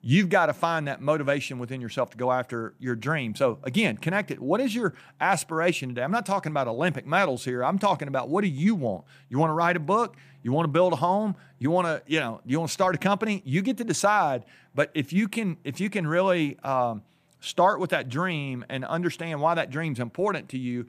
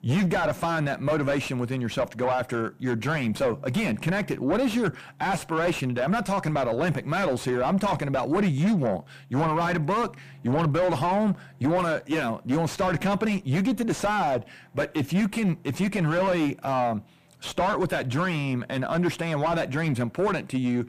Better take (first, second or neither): first